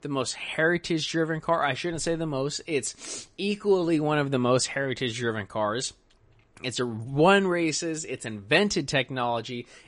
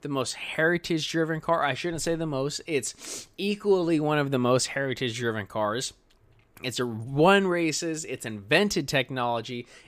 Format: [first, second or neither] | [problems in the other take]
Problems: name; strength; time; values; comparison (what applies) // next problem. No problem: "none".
second | garbled, watery; slightly; nothing above 9 kHz